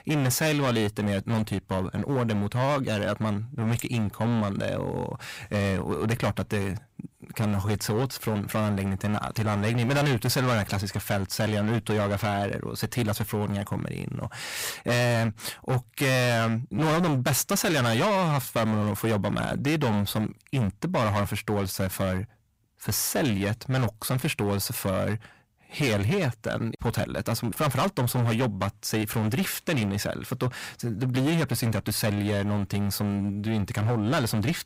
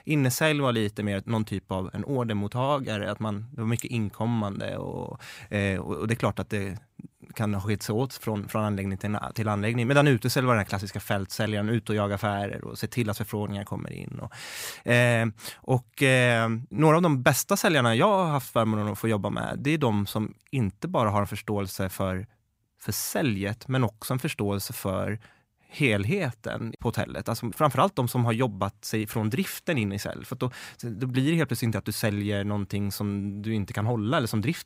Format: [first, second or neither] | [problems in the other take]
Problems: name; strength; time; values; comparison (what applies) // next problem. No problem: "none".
second | distortion; heavy; 16% of the sound clipped